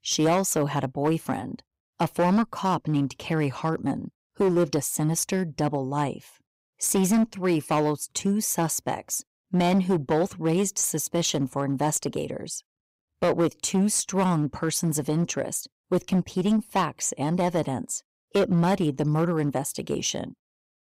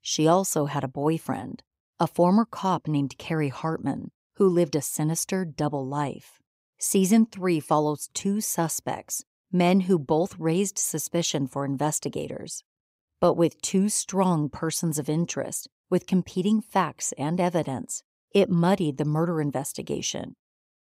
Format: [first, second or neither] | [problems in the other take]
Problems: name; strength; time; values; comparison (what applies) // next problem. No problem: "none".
second | distortion; slight; 7% of the sound clipped